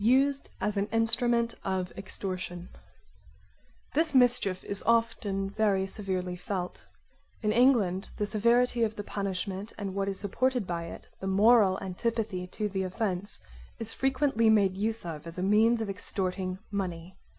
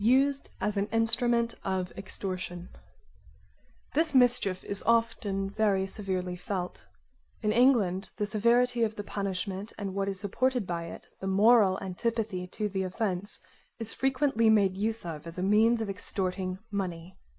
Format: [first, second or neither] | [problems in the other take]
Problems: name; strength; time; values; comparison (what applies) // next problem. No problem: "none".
first | noise reduction (neural mask model Resemble Enhance denoiser)